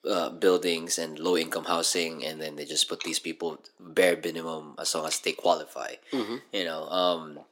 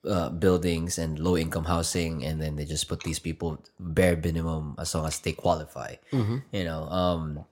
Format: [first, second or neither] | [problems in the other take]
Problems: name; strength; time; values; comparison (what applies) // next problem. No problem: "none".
second | thin; somewhat; fading below 300 Hz